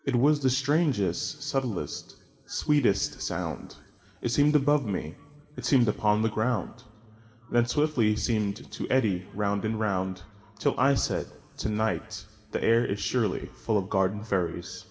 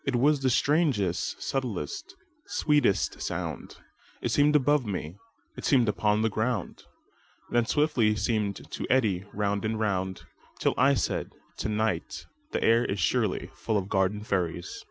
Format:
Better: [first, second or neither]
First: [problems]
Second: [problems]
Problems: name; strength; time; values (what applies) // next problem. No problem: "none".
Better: second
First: room echo; dies away in 2.3 s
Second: none